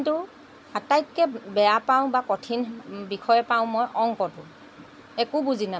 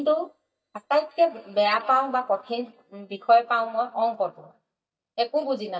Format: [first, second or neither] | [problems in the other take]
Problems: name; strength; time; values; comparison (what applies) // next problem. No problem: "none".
first | noise reduction (neural mask model DeepFilterNet 3)